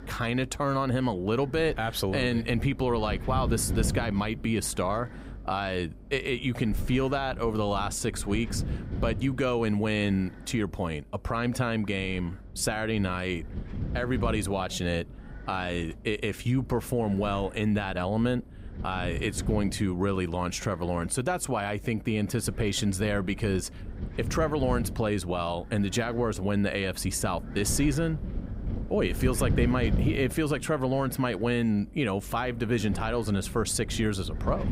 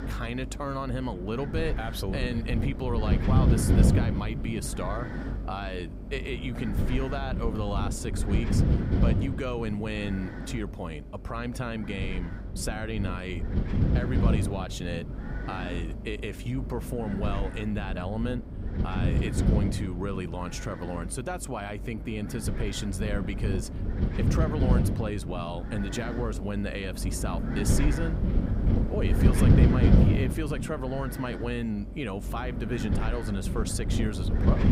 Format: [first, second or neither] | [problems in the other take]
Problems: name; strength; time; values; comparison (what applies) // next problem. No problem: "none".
first | wind noise on the microphone; heavy; 2 dB below the speech; occasional gusts in the first